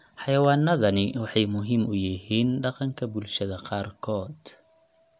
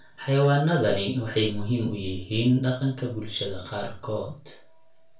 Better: first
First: none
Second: room echo; dies away in 0.3 s

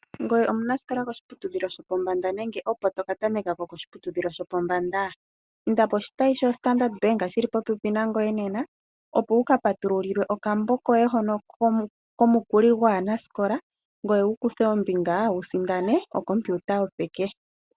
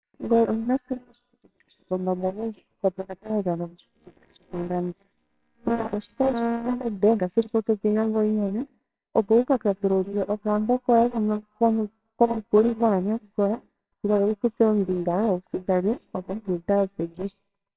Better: first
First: none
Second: noise reduction (neural separator model SepFormer WHAMR!)

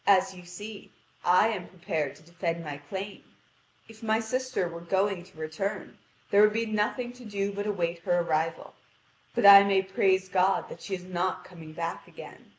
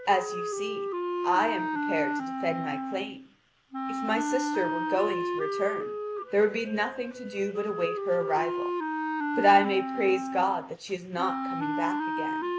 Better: first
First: none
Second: background sound (Wind instrument, woodwind instrument); 2 dB below the speech

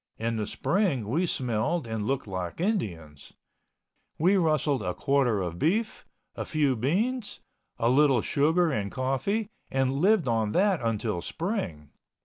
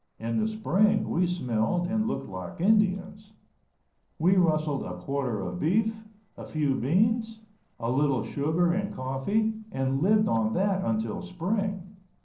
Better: first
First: none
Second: noise reduction (neural separator model SepFormer DNS4)

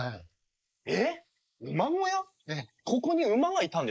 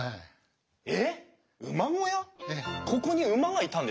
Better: second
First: noise reduction (neural mask model Resemble Enhance denoiser)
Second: none

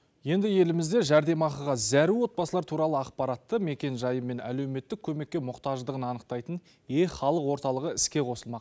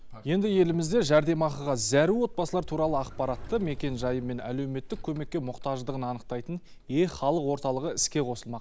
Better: first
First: none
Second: background sound (Sliding door); 13 dB below the speech

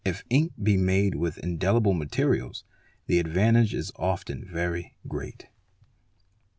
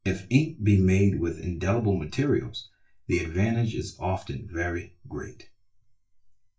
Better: first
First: none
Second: noise reduction (neural mask model DeepFilterNet 3)

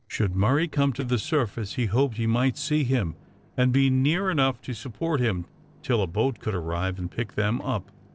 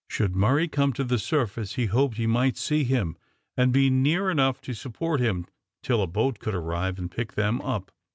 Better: second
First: noise reduction (neural separator model SepFormer DNS4)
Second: none

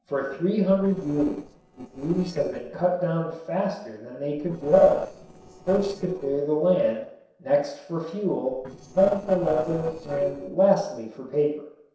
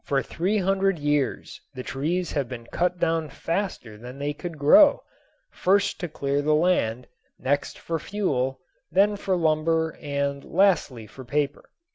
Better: second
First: noise reduction (neural separator model SepFormer DNS4)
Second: none

